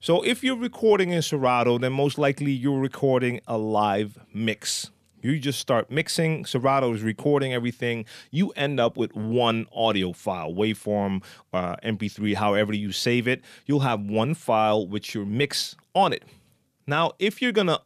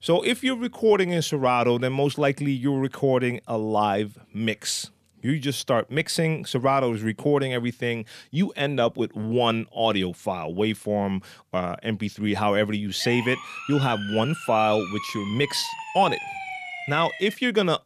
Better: first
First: none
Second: siren; noticeable; from 13 to 17 s; peak 7 dB below the speech

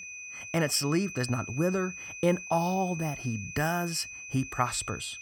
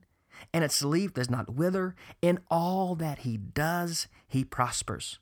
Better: second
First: high-pitched whine; loud; throughout; 2.5 kHz, 10 dB below the speech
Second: none

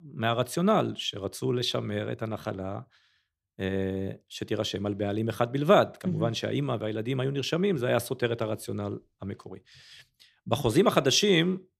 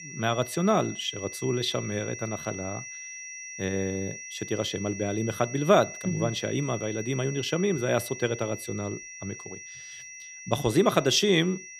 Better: first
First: none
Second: high-pitched whine; noticeable; throughout; 2 kHz, 10 dB below the speech

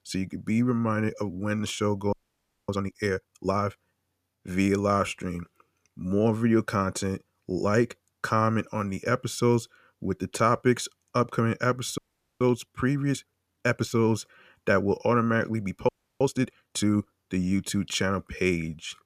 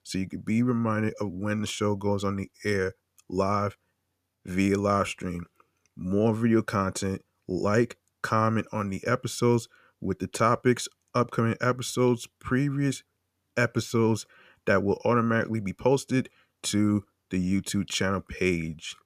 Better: second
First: audio freezing; at 2 s for 0.5 s, at 12 s and at 16 s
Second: none

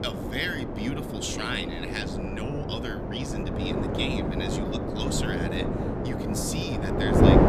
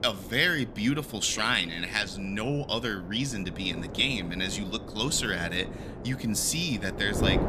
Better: second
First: wind noise on the microphone; heavy; 1 dB above the speech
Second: wind noise on the microphone; occasional gusts; 15 dB below the speech

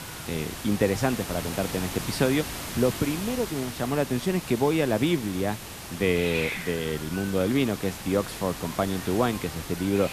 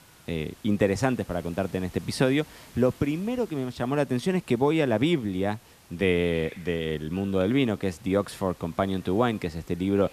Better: second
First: hiss; loud; throughout; 8 dB below the speech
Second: hiss; faint; throughout; 25 dB below the speech

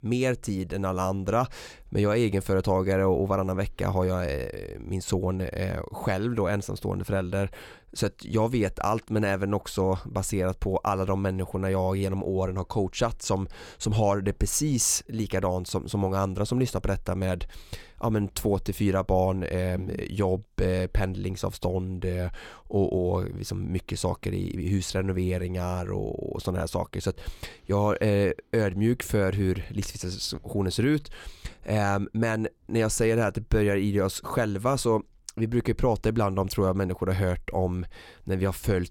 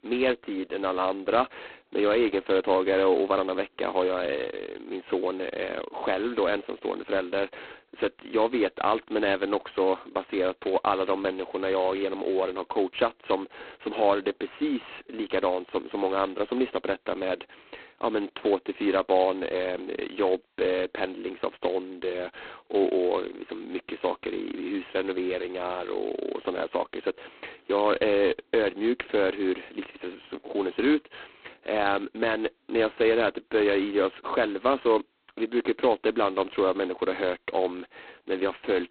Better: first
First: none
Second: phone-call audio; poor line; nothing above 4 kHz

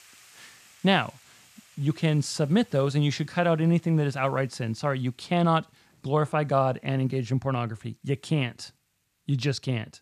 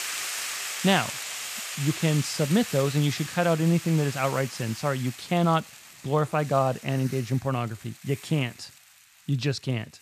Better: first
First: hiss; faint; throughout; 30 dB below the speech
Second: hiss; loud; throughout; 8 dB below the speech

